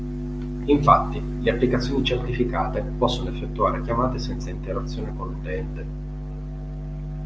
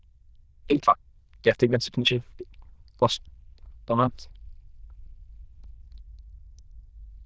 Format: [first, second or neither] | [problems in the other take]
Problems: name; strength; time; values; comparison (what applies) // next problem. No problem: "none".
first | noise reduction (neural diffusion model UNIVERSE++)